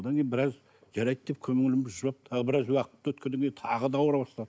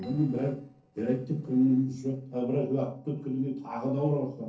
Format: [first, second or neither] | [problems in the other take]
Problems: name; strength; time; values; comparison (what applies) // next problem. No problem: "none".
first | noise reduction (neural separator model SepFormer DNS4)